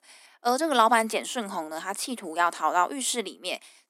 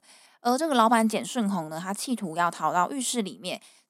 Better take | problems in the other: second | thin; somewhat; fading below 300 Hz

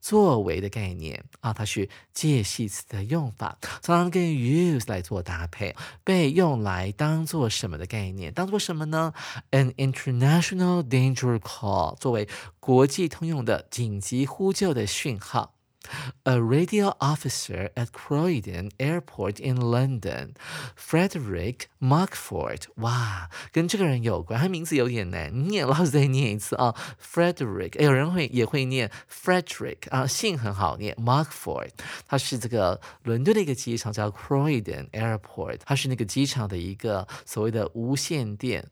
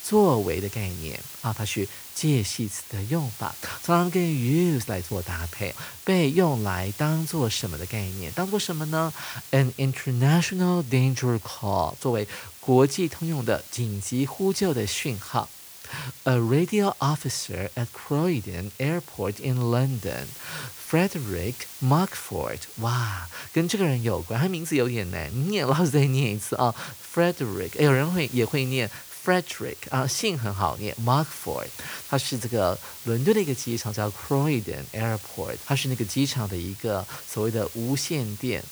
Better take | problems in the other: first | hiss; noticeable; throughout; 15 dB below the speech

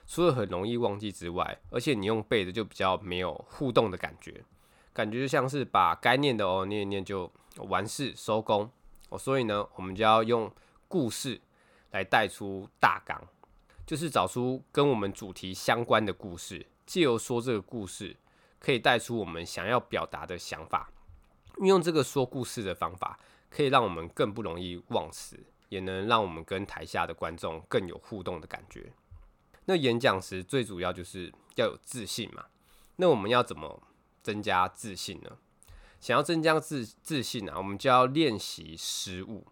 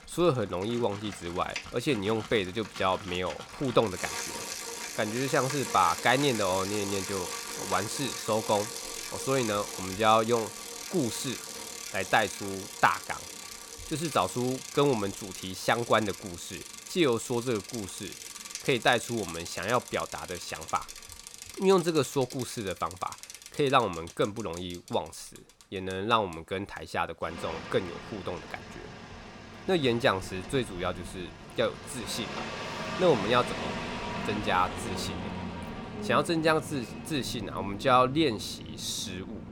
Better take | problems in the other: first | traffic noise; loud; throughout; 9 dB below the speech

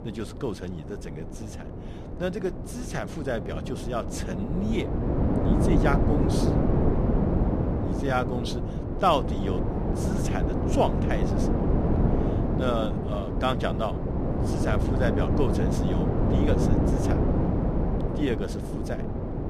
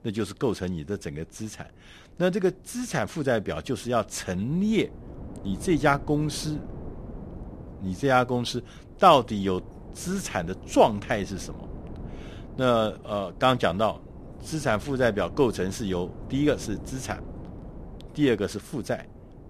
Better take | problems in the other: second | wind noise on the microphone; heavy; 1 dB below the speech; occasional gusts in the second

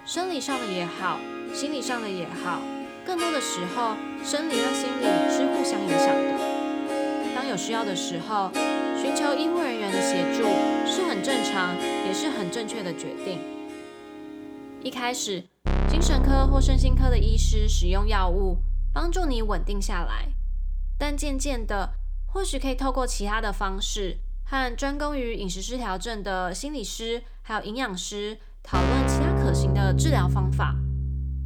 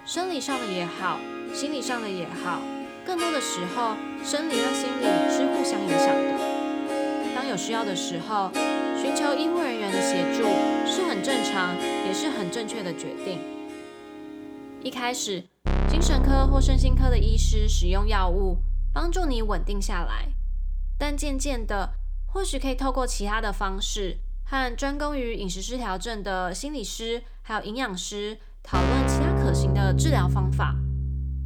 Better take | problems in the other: neither | background music; very loud; throughout; 2 dB above the speech; the same in both

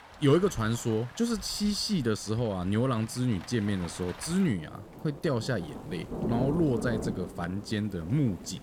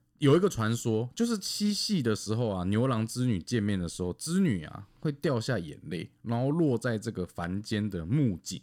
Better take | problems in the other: second | rain or running water; noticeable; throughout; 10 dB below the speech

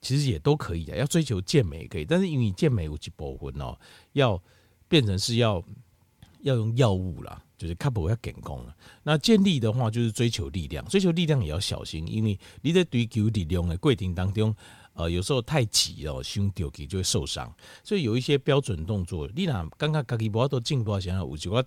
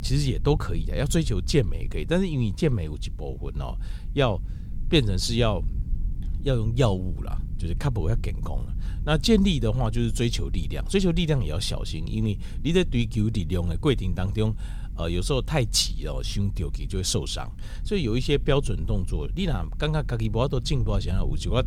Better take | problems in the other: first | low rumble; faint; throughout; 20 dB below the speech

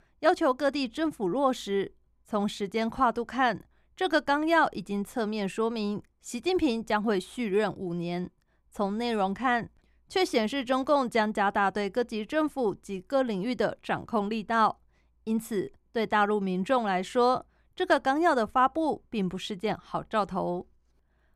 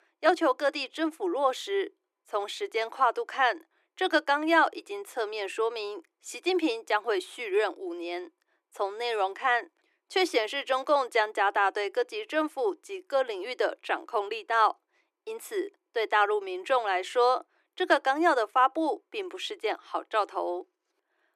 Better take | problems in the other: first | thin; very; fading below 300 Hz

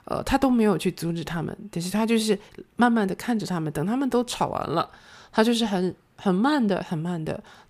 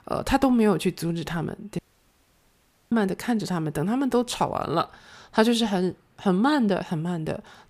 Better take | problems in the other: first | audio cutting out; at 2 s for 1 s

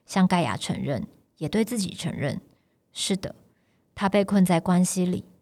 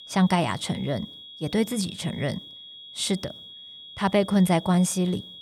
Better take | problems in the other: first | high-pitched whine; noticeable; throughout; 3.5 kHz, 15 dB below the speech

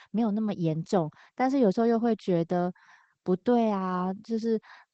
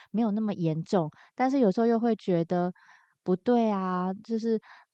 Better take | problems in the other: second | garbled, watery; badly; nothing above 7.5 kHz; slightly in the second

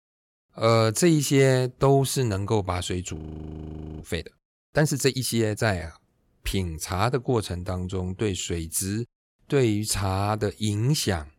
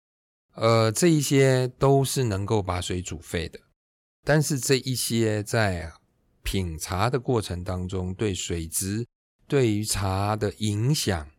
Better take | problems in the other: second | audio freezing; at 3 s for 1 s

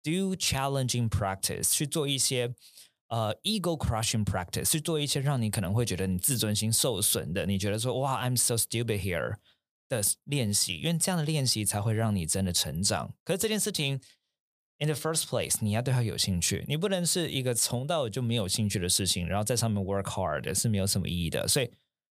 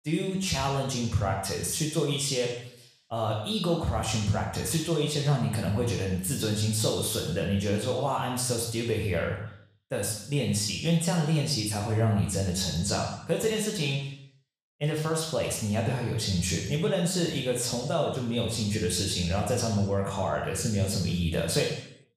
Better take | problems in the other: first | room echo; noticeable; dies away in 0.7 s // off-mic speech; far

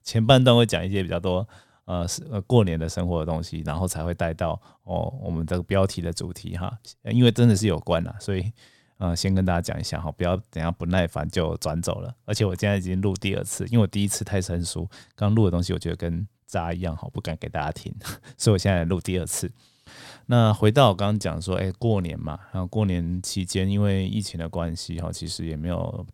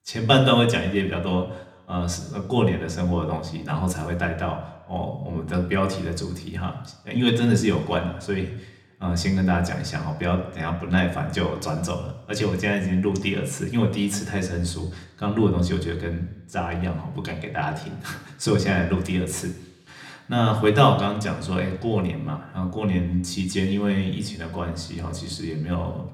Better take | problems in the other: first | room echo; slight; dies away in 0.9 s // off-mic speech; somewhat distant

